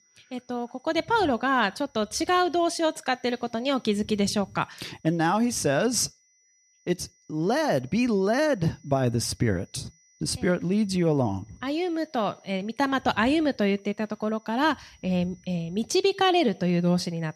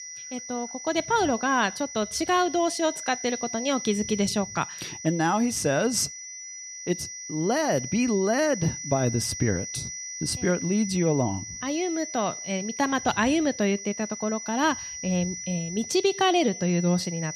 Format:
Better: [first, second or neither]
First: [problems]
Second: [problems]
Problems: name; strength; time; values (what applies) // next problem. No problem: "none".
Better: first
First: high-pitched whine; faint; throughout; 6 kHz, 35 dB below the speech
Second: high-pitched whine; loud; throughout; 6 kHz, 9 dB below the speech